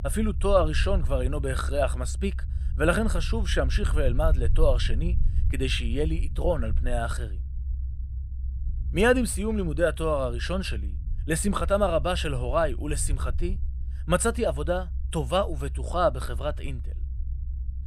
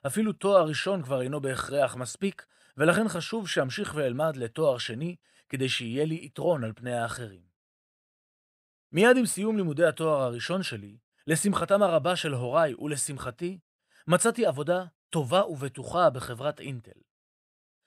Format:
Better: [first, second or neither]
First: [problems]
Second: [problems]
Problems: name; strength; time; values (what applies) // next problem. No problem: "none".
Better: second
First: low rumble; faint; throughout; 25 dB below the speech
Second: none